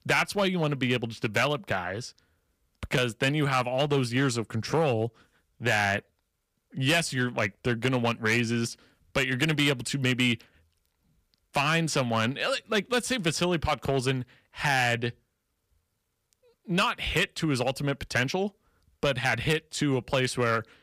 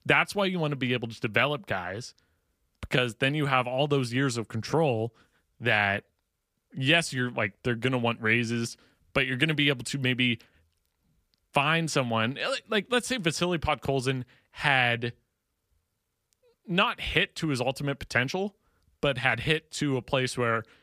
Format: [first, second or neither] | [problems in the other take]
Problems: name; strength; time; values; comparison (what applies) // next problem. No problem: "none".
second | distortion; slight; 3% of the sound clipped